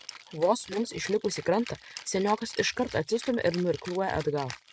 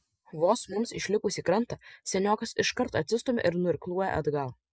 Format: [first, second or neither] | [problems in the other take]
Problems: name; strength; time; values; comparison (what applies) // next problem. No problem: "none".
second | background sound (Rattle (instrument)); 17 dB below the speech